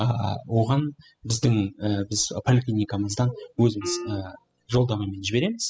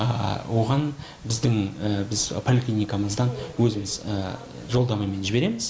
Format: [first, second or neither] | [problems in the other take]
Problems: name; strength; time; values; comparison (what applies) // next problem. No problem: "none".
second | noise reduction (classical method spectral subtraction)